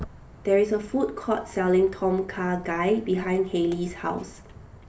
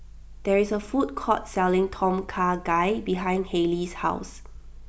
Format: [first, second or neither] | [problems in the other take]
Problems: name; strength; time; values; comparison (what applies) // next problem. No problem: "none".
second | background sound (Walk, footsteps); 19 dB below the speech // room echo; dies away in 0.3 s